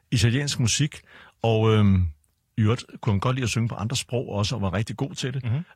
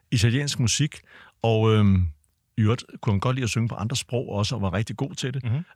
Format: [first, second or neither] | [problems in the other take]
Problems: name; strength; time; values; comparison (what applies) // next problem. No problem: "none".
second | garbled, watery; slightly; nothing above 14 kHz